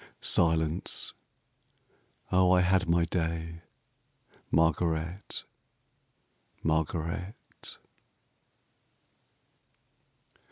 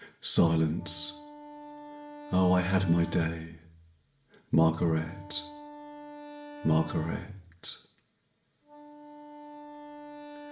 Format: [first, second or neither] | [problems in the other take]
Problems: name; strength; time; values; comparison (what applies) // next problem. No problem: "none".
first | background sound (Wind instrument, woodwind instrument); 15 dB below the speech // room echo; dies away in 0.5 s